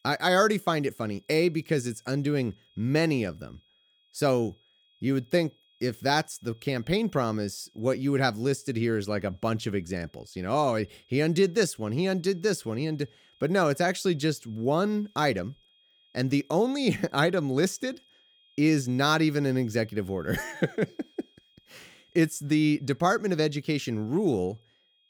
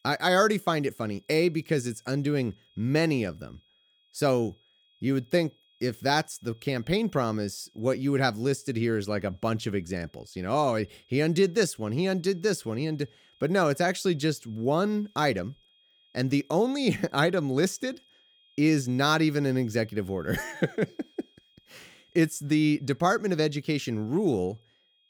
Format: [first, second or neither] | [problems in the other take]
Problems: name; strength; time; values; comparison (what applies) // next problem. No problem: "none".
neither | high-pitched whine; faint; throughout; 3.5 kHz, 35 dB below the speech; the same in both